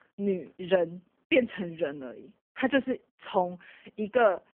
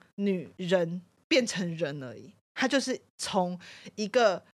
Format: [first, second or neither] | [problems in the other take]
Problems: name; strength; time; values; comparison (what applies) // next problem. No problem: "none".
second | phone-call audio; poor line; nothing above 3 kHz